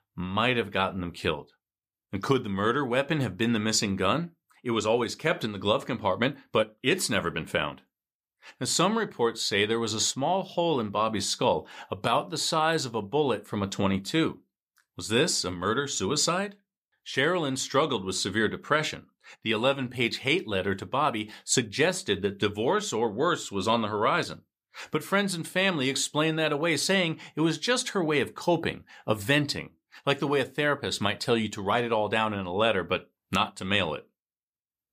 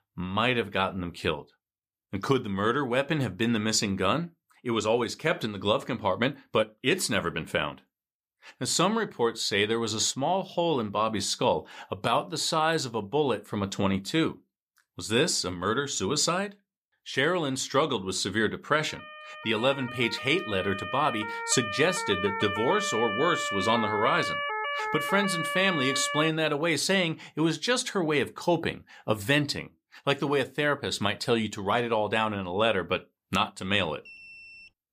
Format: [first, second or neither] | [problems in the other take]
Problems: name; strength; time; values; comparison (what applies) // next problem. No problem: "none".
first | siren; noticeable; from 19 to 26 s; peak 2 dB below the speech // alarm; faint; at 34 s; peak 15 dB below the speech